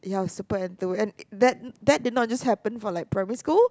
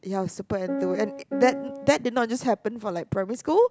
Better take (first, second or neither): first